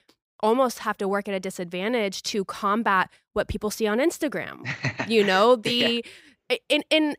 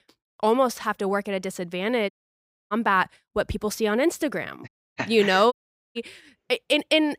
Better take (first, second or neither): first